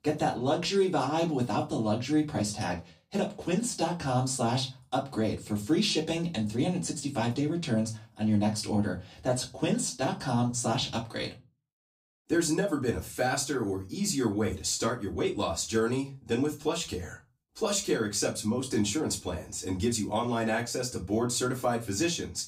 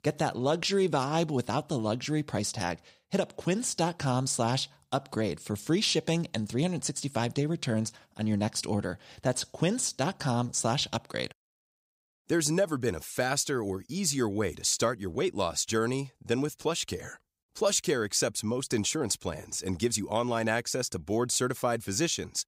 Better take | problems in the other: second | off-mic speech; far // room echo; very slight; dies away in 0.2 s

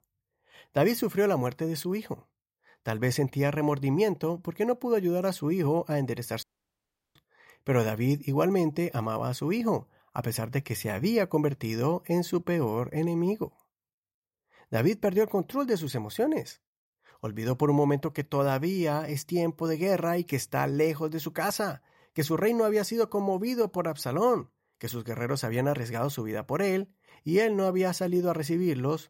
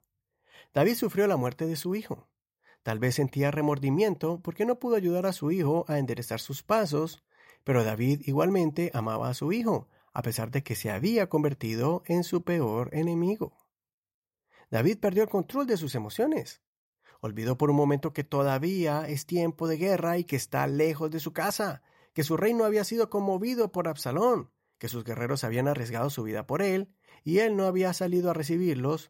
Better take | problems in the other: second | audio cutting out; at 6.5 s for 0.5 s

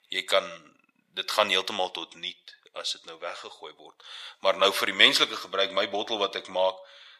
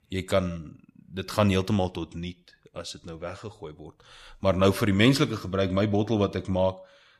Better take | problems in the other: second | thin; very; fading below 750 Hz

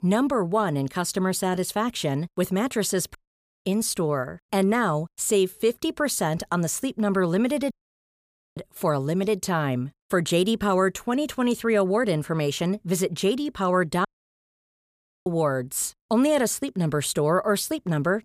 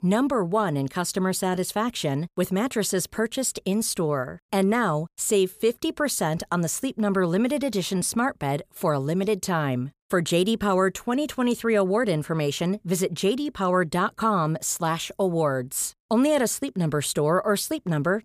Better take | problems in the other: second | audio cutting out; at 3 s for 0.5 s, at 7.5 s for 1 s and at 14 s for 1 s

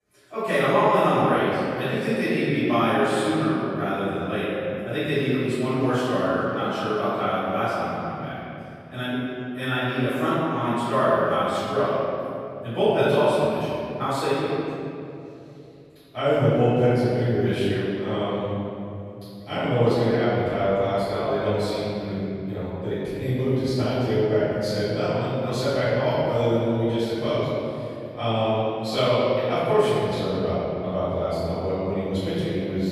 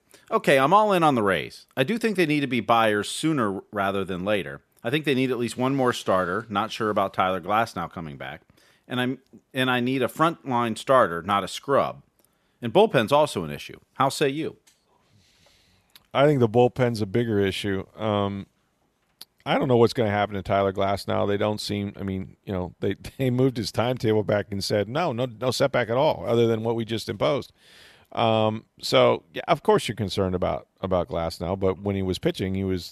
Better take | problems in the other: second | room echo; strong; dies away in 2.8 s // off-mic speech; far

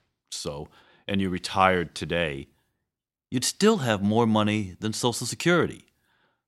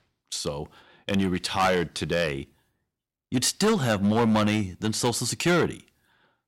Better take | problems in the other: first | distortion; heavy; 6% of the sound clipped

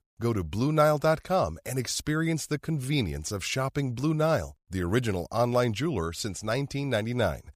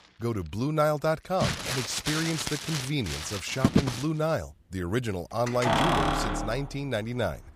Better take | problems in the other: first | household noises; very loud; throughout; 1 dB above the speech

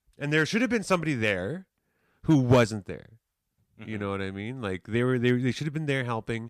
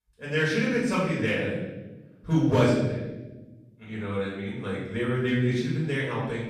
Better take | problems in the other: first | off-mic speech; far // room echo; noticeable; dies away in 1 s

